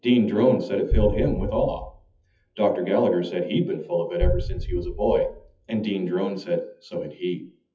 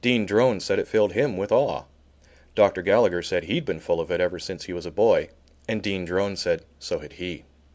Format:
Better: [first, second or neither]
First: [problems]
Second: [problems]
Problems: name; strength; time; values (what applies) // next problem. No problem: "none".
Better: second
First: noise reduction (classical method WPE with log-MMSE)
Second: none